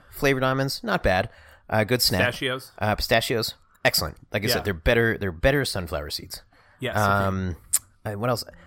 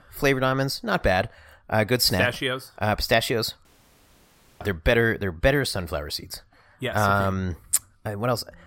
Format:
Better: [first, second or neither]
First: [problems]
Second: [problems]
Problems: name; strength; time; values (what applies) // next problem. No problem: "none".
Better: first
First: none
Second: audio cutting out; at 3.5 s for 1 s